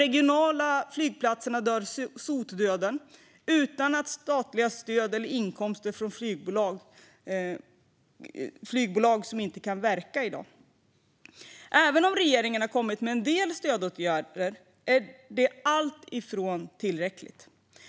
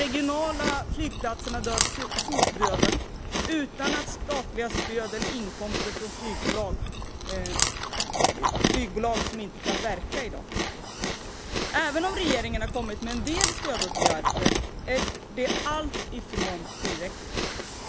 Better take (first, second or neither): first